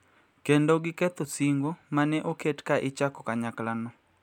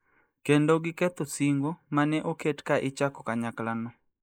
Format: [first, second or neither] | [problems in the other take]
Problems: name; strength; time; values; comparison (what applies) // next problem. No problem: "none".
first | noise reduction (neural mask model Resemble Enhance denoiser)